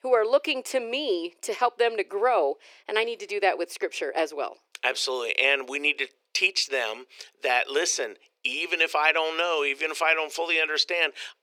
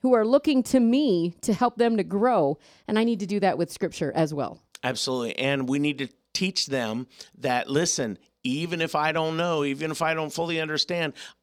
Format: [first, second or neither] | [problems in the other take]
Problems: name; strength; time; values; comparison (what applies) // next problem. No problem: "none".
second | thin; very; fading below 400 Hz